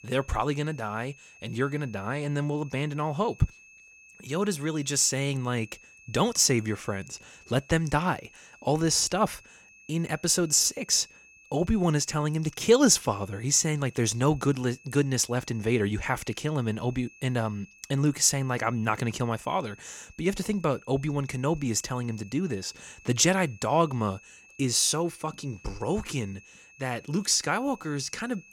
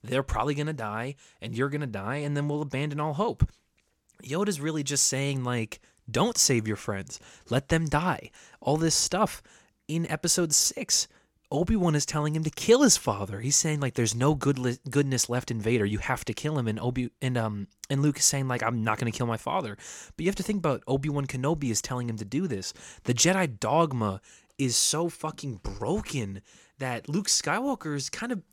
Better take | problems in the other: second | high-pitched whine; faint; throughout; 2.5 kHz, 25 dB below the speech

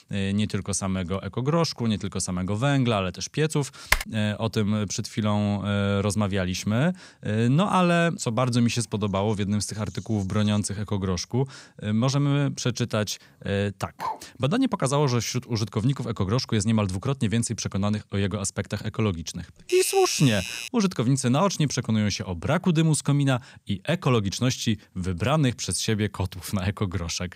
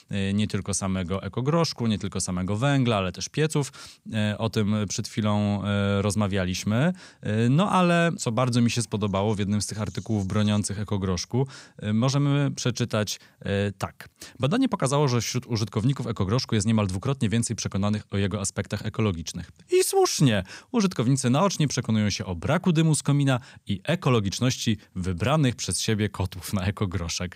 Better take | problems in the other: second | keyboard typing; loud; at 4 s; peak level with the speech // dog barking; noticeable; at 14 s; peak 8 dB below the speech // doorbell; noticeable; from 20 to 21 s; peak 6 dB below the speech

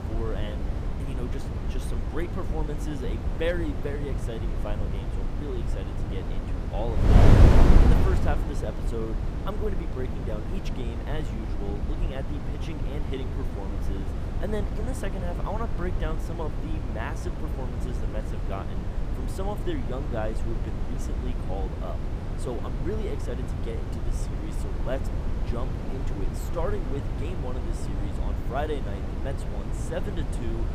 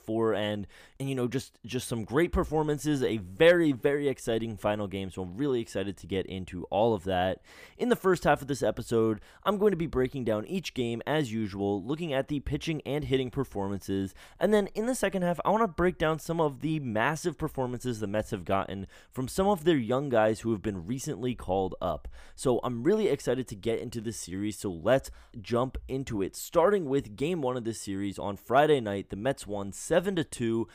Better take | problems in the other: second | wind noise on the microphone; heavy; as loud as the speech

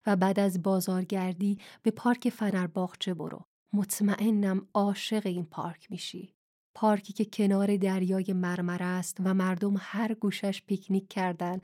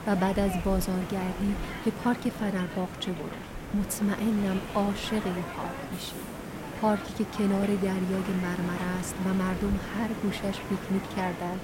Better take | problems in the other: first | hiss; loud; throughout; 7 dB below the speech

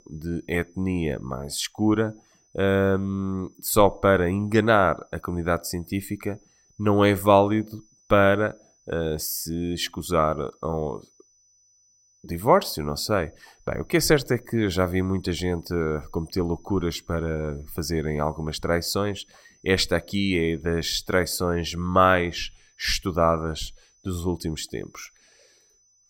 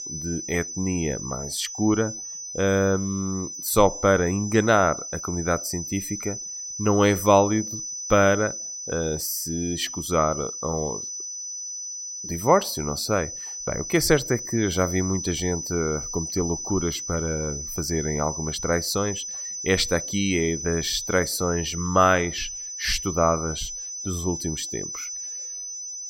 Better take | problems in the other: first | high-pitched whine; loud; throughout; 6 kHz, 7 dB below the speech; faint in the first

